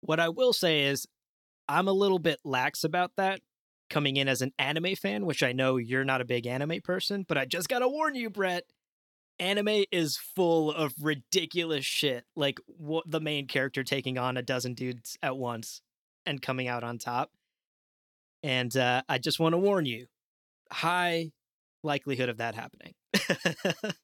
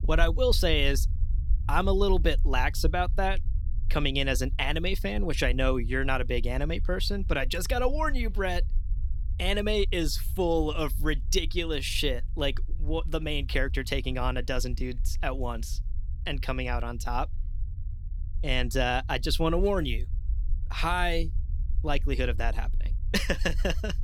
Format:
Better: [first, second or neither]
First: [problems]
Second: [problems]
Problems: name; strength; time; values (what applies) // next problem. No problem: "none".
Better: first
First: none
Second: low rumble; faint; throughout; 25 dB below the speech